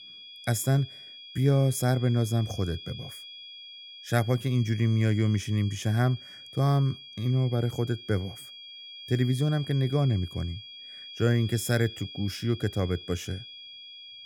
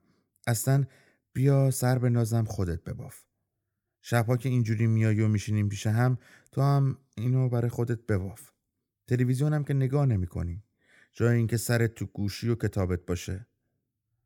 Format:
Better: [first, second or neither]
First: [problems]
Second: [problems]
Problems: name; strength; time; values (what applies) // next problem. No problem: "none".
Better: second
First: high-pitched whine; noticeable; throughout; 3.5 kHz, 15 dB below the speech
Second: none